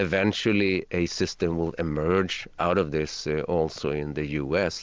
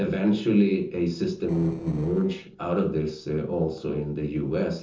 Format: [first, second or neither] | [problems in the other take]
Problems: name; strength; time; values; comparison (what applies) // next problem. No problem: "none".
first | noise reduction (neural separator model SepFormer DNS4)